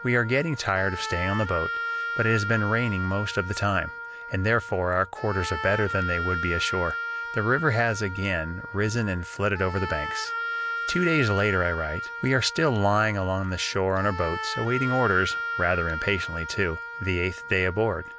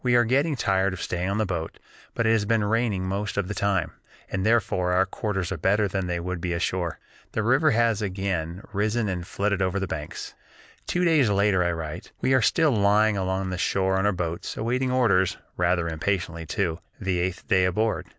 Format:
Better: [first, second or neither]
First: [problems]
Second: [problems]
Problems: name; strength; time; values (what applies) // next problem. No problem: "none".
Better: second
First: background sound (Wind instrument, woodwind instrument); 6 dB below the speech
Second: none